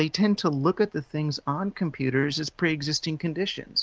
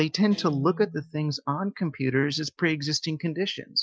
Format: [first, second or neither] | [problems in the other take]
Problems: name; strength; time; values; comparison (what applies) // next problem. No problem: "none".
first | noise reduction (classical method Wiener filter)